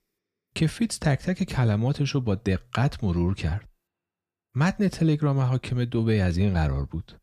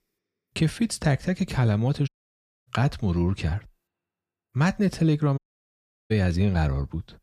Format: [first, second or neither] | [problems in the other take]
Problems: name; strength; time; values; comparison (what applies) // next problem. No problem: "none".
first | audio cutting out; at 2 s for 0.5 s and at 5.5 s for 0.5 s